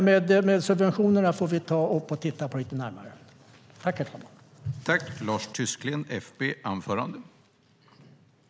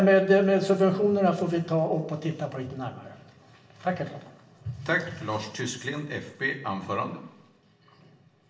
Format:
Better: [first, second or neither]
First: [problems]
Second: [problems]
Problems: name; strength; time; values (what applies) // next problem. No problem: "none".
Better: first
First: none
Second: room echo; dies away in 0.8 s